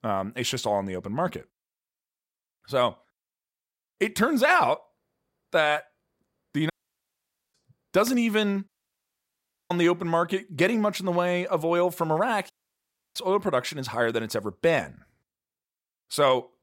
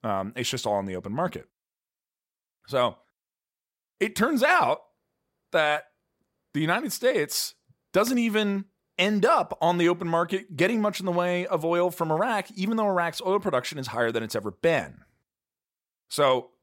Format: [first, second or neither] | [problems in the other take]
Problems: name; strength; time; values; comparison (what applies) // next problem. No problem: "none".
second | audio cutting out; at 6.5 s for 1 s, at 8.5 s for 1 s and at 13 s for 0.5 s